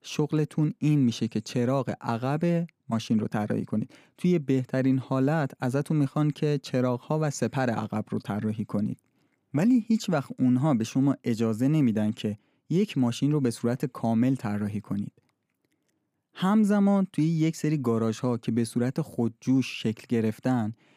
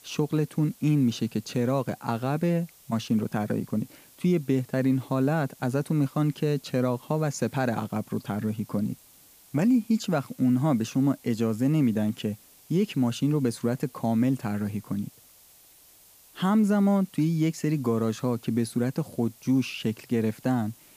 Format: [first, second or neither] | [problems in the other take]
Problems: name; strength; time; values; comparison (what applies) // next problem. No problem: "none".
first | hiss; faint; throughout; 25 dB below the speech